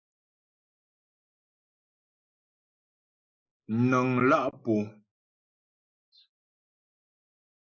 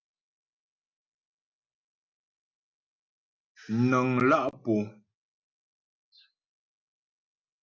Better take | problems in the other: second | noise reduction (neural mask model Resemble Enhance denoiser)

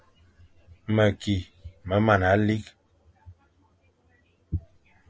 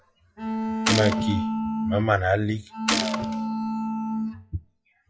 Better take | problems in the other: first | noise reduction (classical method log-MMSE)

